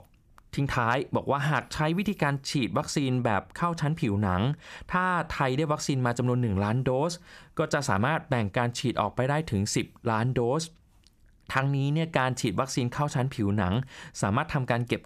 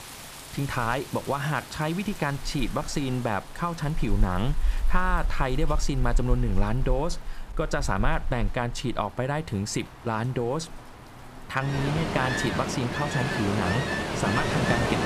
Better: first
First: none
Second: rain or running water; loud; throughout; 3 dB below the speech

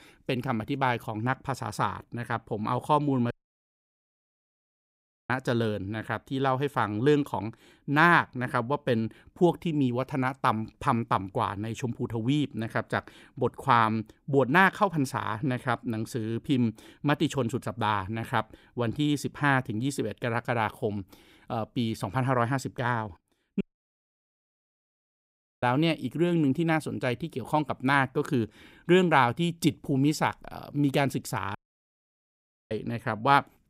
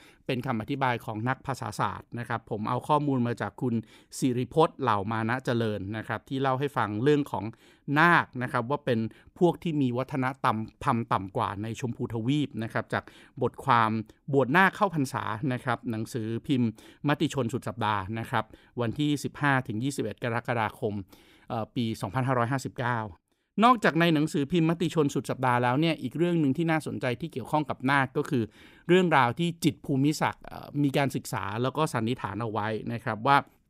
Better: second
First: audio cutting out; at 3.5 s for 2 s, at 24 s for 2 s and at 32 s for 1 s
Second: none

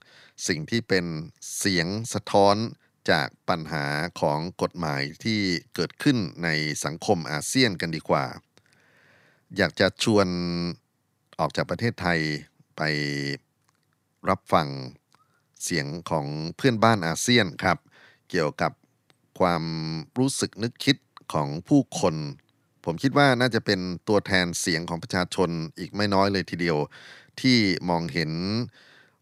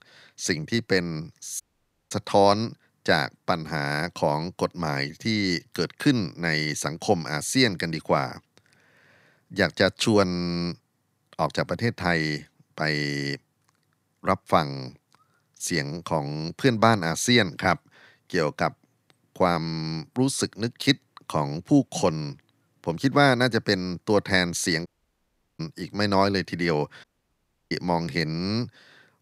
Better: first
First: none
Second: audio cutting out; at 1.5 s for 0.5 s, at 25 s for 0.5 s and at 27 s for 0.5 s

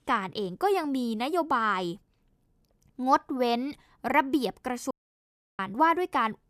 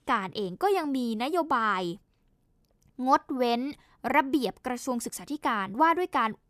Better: second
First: audio cutting out; at 5 s for 0.5 s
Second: none

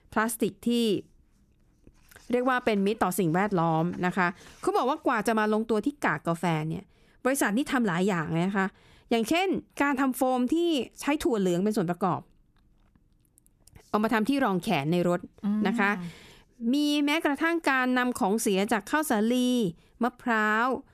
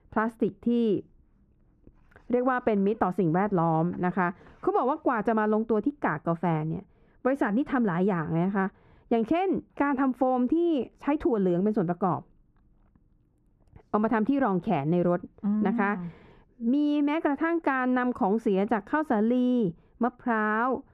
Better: first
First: none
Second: muffled; very; fading above 3.5 kHz

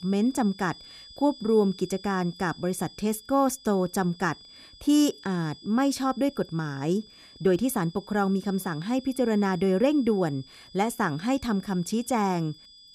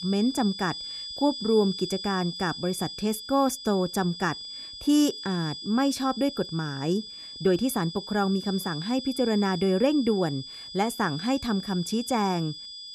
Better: first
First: high-pitched whine; faint; throughout; 5 kHz, 20 dB below the speech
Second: high-pitched whine; loud; throughout; 5 kHz, 9 dB below the speech

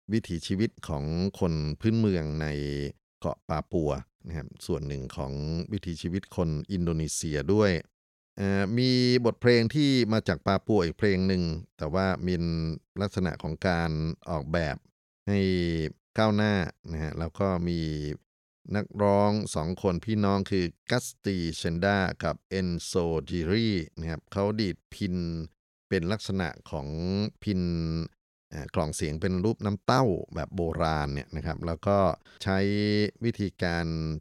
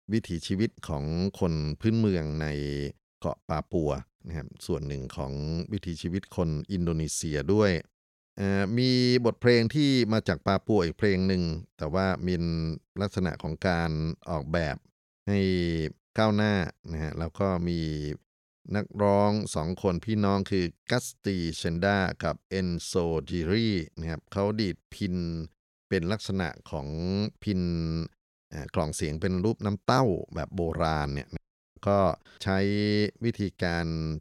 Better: first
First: none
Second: audio cutting out; at 31 s

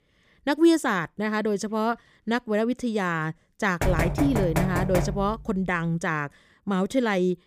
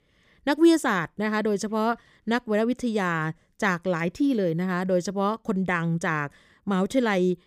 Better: second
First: door banging; noticeable; from 4 to 5.5 s; peak 1 dB below the speech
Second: none

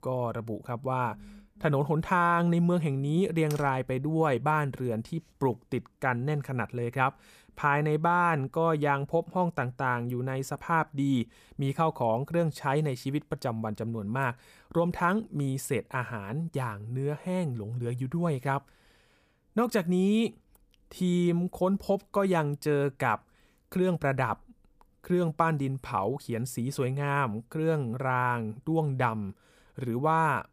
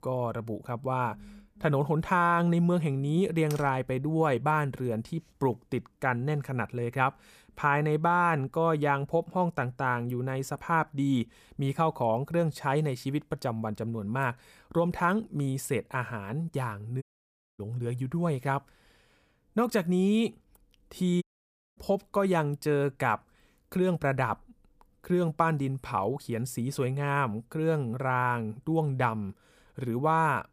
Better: first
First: none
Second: audio cutting out; at 17 s for 0.5 s and at 21 s for 0.5 s

